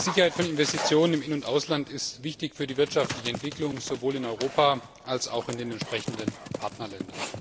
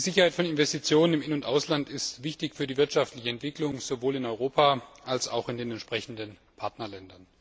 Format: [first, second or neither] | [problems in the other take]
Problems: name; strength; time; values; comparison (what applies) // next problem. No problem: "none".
second | background sound (Dog); 10 dB below the speech